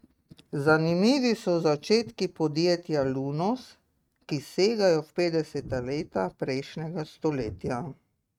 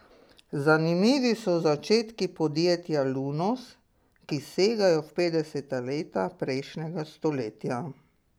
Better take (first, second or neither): second